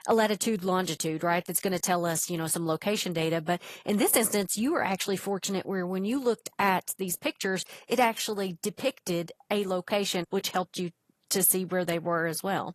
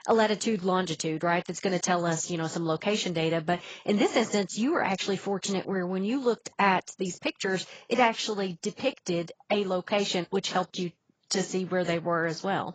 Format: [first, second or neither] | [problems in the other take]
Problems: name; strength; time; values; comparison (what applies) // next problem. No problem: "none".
first | garbled, watery; badly; nothing above 7.5 kHz; slightly in the first